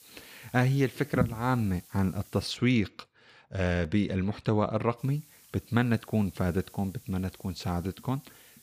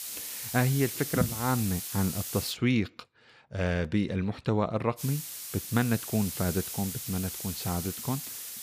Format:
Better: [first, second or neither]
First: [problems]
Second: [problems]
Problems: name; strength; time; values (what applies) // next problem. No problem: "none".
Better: first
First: hiss; faint; until 2.5 s and from 5 s on; 25 dB below the speech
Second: hiss; loud; until 2.5 s and from 5 s on; 5 dB below the speech